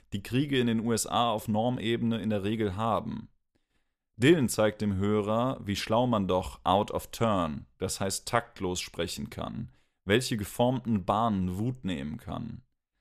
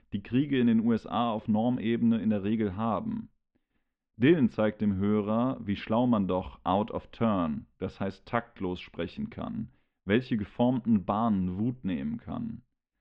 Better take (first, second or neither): first